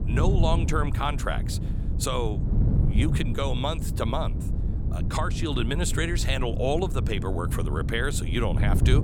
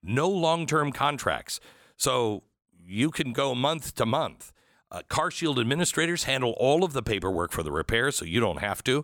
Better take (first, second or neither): second